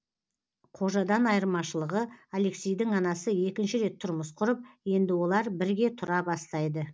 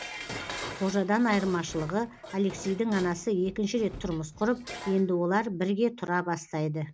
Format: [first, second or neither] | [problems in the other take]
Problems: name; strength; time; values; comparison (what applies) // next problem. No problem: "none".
first | background sound (Dishes, pots, and pans); 14 dB below the speech